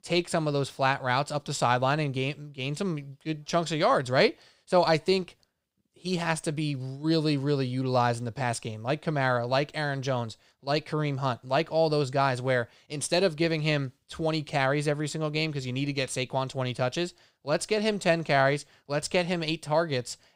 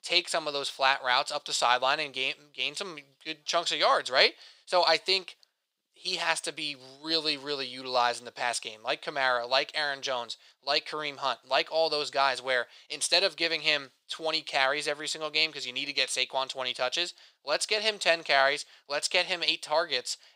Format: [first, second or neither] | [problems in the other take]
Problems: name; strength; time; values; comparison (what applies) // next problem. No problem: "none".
first | thin; very; fading below 600 Hz